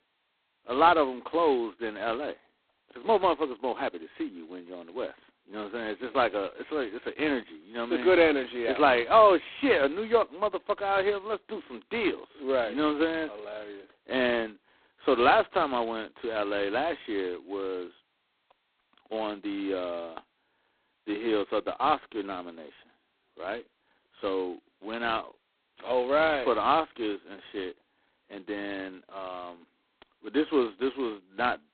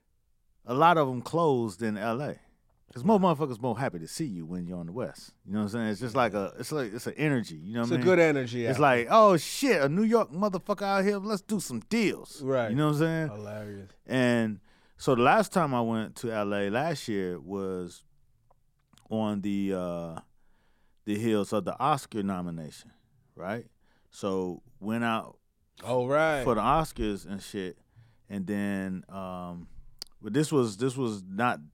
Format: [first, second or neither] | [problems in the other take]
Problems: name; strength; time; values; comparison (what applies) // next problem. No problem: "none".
second | phone-call audio; poor line; nothing above 4 kHz